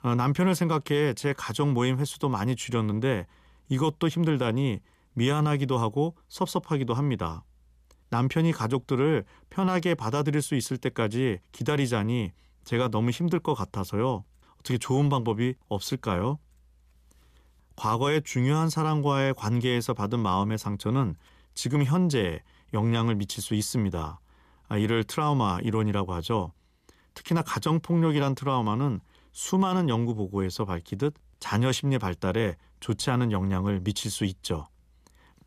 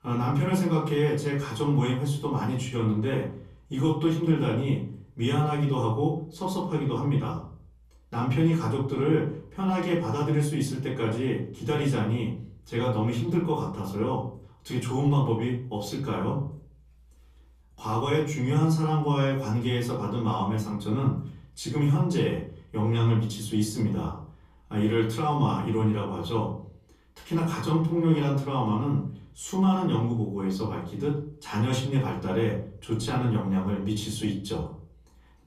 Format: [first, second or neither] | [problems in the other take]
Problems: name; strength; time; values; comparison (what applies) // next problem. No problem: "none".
first | room echo; slight; dies away in 0.5 s // off-mic speech; far